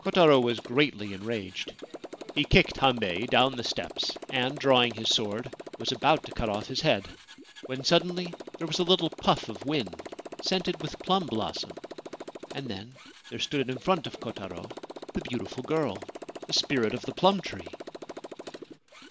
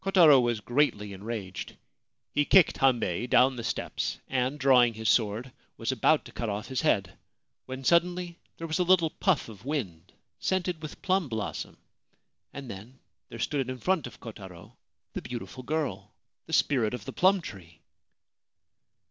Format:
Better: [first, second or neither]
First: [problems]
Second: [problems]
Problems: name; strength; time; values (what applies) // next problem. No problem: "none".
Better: second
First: background sound (Motorcycle); 13 dB below the speech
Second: none